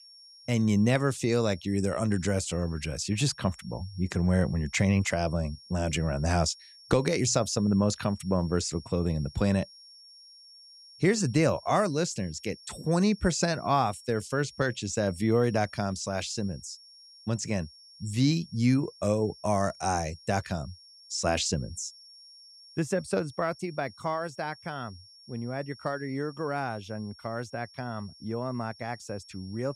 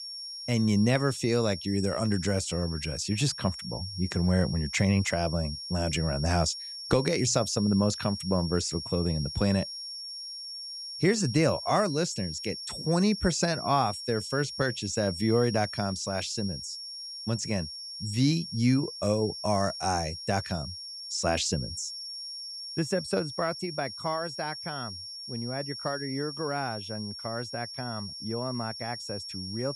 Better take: first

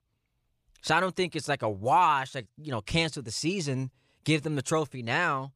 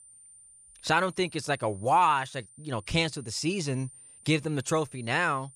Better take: first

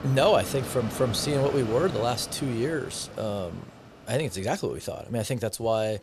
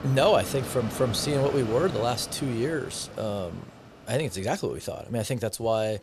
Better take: neither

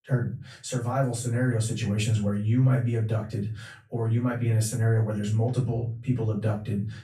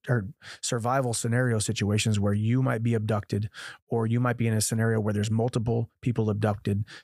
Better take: second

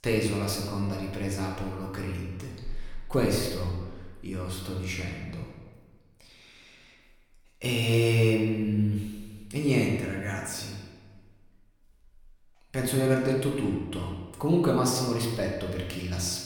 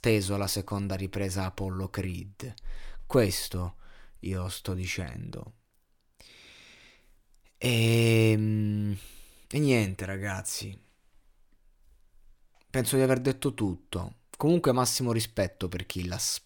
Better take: second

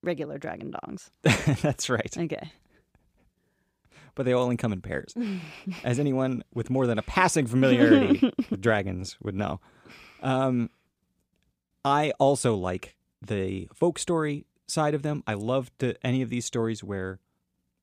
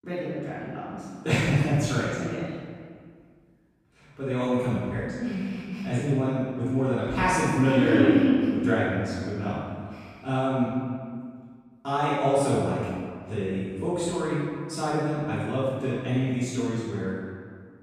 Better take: first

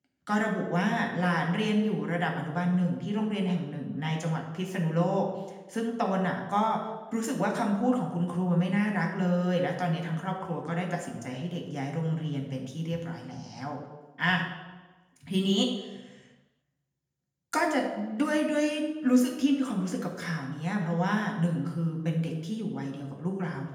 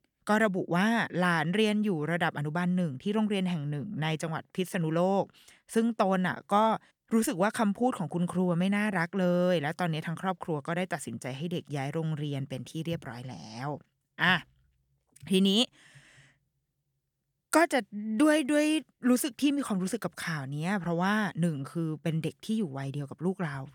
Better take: second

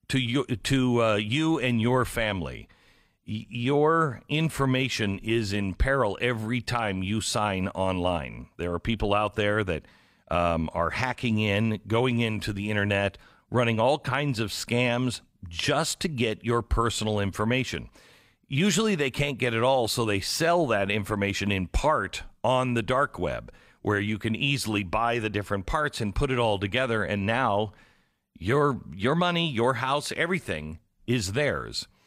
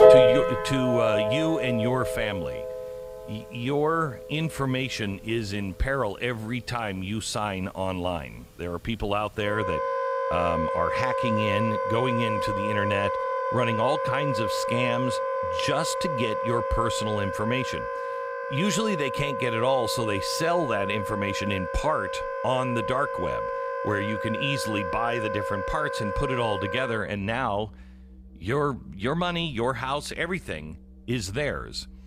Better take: first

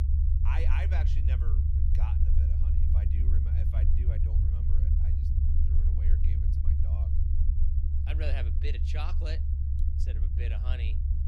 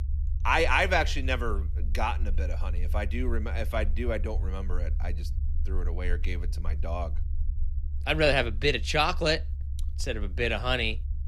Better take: second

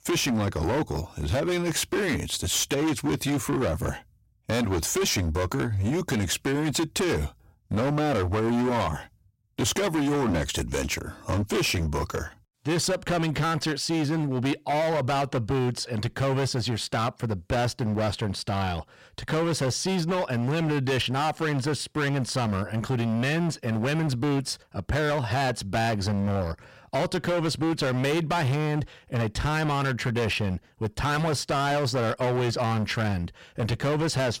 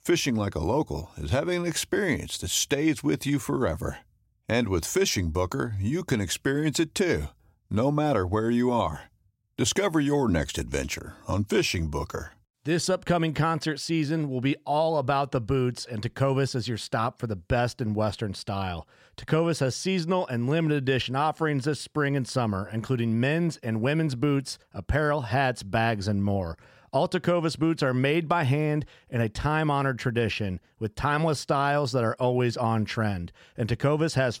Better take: second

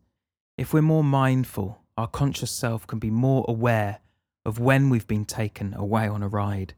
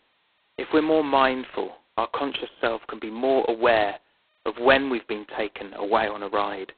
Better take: first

